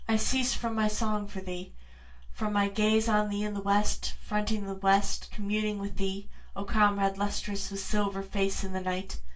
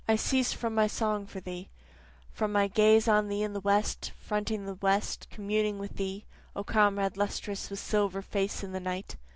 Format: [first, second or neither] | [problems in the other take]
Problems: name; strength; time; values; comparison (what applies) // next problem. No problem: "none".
second | room echo; dies away in 0.2 s